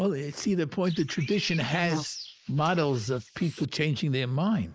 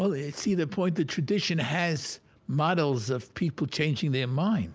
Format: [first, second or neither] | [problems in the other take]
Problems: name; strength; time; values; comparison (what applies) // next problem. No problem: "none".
second | noise reduction (neural mask model Resemble Enhance denoiser)